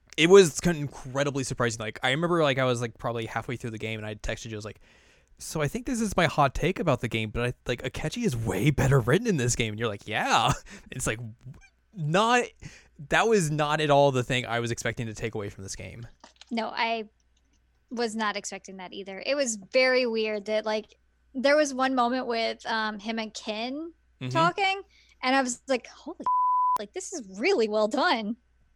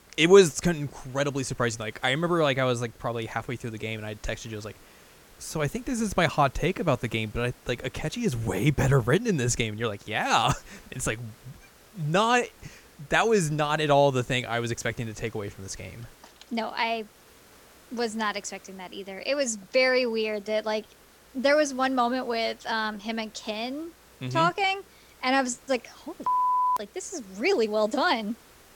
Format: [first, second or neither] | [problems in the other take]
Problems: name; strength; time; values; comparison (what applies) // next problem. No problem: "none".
first | hiss; faint; throughout; 25 dB below the speech